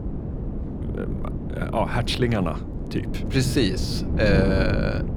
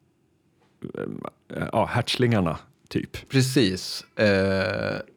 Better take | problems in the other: second | wind noise on the microphone; heavy; 9 dB below the speech

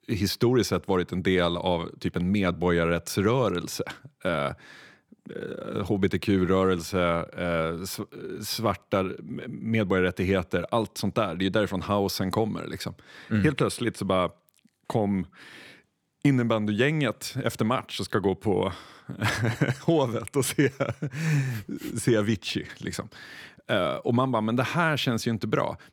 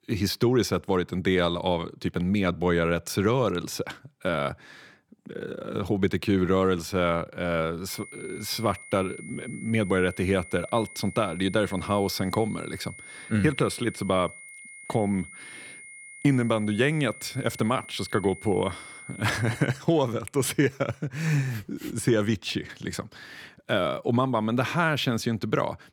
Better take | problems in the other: first | high-pitched whine; noticeable; from 8 to 20 s; 2 kHz, 15 dB below the speech

